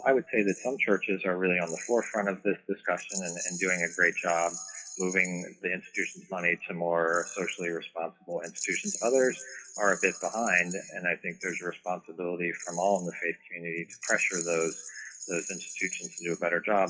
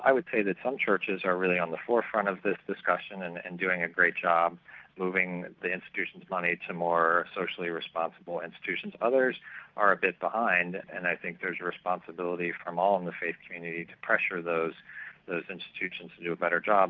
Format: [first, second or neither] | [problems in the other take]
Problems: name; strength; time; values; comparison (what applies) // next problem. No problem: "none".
second | noise reduction (classical method WPE with log-MMSE)